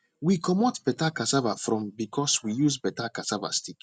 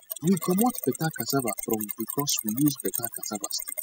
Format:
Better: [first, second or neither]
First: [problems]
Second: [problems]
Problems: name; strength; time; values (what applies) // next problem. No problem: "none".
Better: first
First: none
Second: noise reduction (classical method spectral subtraction)